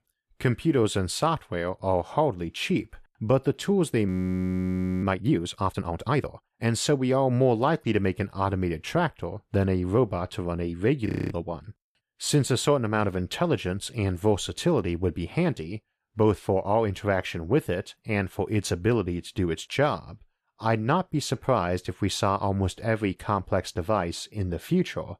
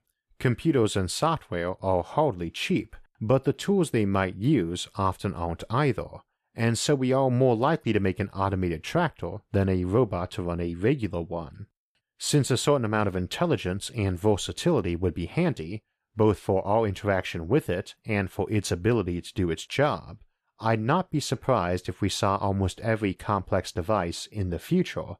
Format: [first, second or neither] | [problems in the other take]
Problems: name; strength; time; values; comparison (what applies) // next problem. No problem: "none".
second | audio freezing; at 4 s for 1 s and at 11 s